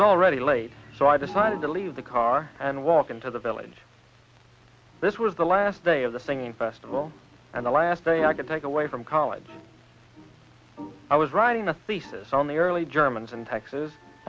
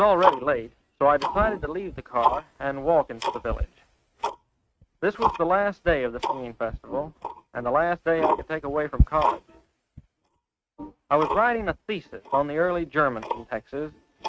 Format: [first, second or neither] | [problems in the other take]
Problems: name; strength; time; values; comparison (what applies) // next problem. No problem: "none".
first | noise reduction (neural mask model RNNoise)